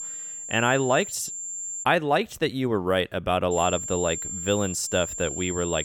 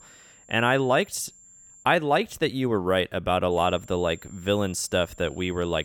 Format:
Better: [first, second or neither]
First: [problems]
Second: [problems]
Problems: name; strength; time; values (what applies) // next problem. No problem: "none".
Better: second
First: high-pitched whine; loud; until 2 s and from 3.5 s on; 7.5 kHz, 7 dB below the speech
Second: high-pitched whine; faint; until 2 s and from 3.5 s on; 7.5 kHz, 25 dB below the speech